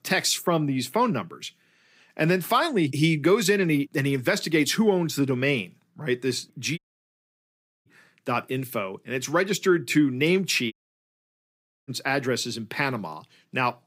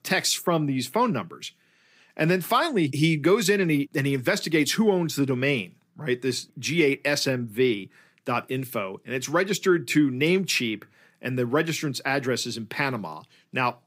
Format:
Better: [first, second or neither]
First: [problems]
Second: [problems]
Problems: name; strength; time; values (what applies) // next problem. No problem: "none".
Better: second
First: audio cutting out; at 7 s for 1 s and at 11 s for 1 s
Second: none